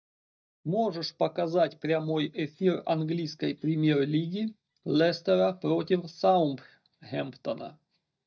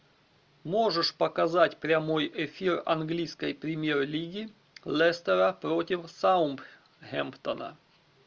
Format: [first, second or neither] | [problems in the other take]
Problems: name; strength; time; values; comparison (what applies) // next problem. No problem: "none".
second | noise reduction (neural mask model DeepFilterNet 3)